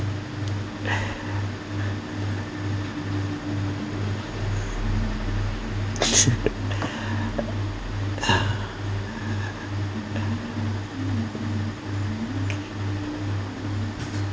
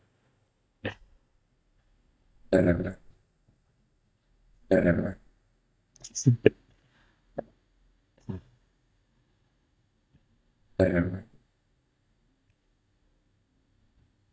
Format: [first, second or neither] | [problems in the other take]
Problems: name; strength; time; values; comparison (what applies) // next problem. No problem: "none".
first | noise reduction (neural mask model DeepFilterNet 3)